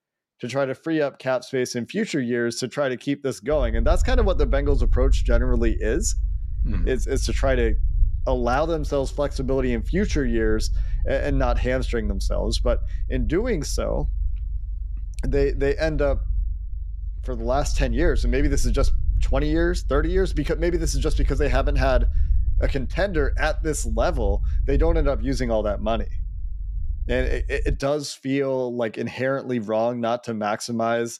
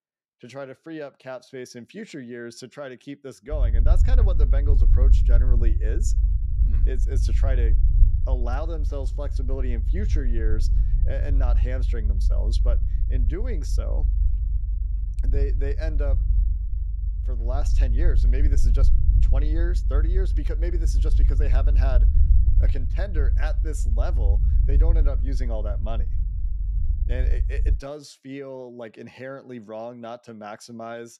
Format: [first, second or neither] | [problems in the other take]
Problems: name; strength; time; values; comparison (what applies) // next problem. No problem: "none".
first | low rumble; loud; from 3.5 to 28 s; 8 dB below the speech; faint in the first